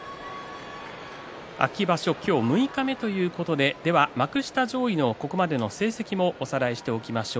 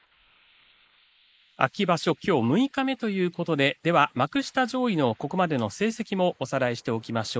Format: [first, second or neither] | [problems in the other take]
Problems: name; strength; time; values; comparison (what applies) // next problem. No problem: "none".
first | noise reduction (neural mask model Resemble Enhance denoiser)